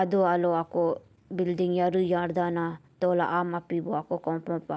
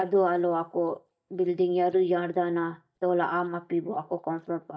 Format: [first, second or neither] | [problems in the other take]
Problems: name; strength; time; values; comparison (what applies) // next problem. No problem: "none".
first | noise reduction (neural mask model DeepFilterNet 3)